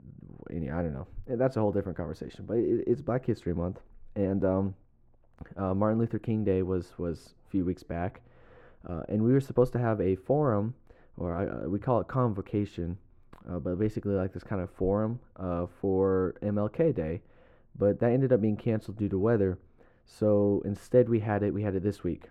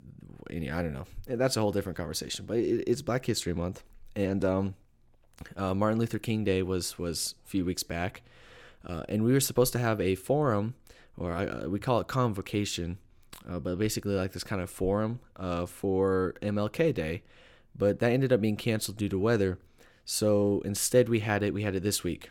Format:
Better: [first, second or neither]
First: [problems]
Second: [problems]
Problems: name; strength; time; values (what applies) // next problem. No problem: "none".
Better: second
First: muffled; very; fading above 2.5 kHz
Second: none